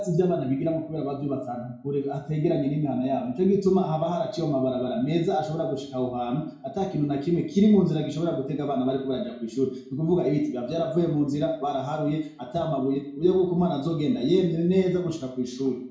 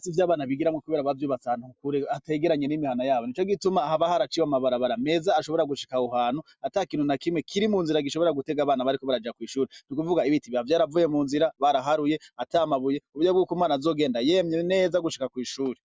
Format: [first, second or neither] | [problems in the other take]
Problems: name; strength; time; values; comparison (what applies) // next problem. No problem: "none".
second | room echo; dies away in 0.5 s